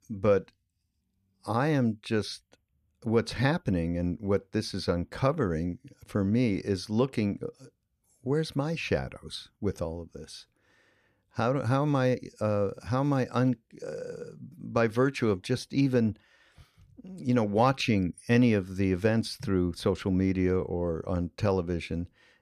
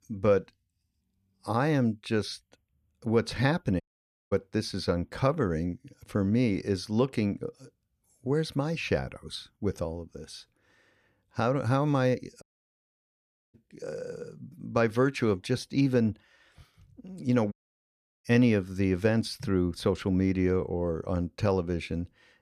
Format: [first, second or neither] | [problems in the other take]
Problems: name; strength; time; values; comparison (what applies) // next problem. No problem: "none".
first | audio cutting out; at 4 s for 0.5 s, at 12 s for 1 s and at 18 s for 0.5 s